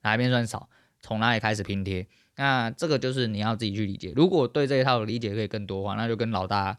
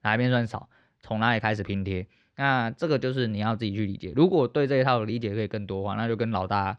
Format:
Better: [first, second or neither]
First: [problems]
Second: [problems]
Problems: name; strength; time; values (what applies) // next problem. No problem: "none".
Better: first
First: none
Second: muffled; very slightly; fading above 3 kHz